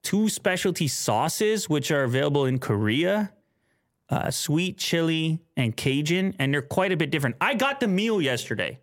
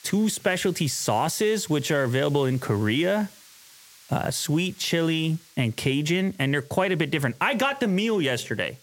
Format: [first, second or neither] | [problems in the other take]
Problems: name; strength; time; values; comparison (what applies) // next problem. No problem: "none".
first | hiss; faint; throughout; 25 dB below the speech